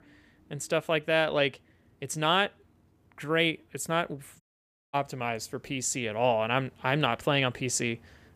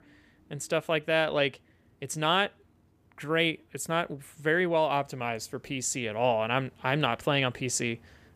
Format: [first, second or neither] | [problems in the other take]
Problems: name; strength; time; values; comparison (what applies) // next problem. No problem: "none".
second | audio cutting out; at 4.5 s for 0.5 s